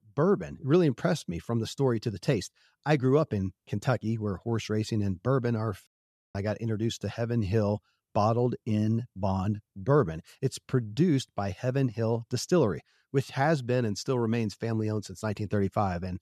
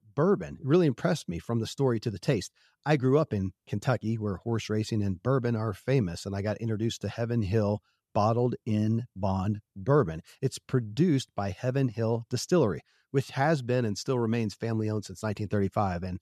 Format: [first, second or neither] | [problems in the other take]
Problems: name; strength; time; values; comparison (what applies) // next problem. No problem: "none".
second | audio cutting out; at 6 s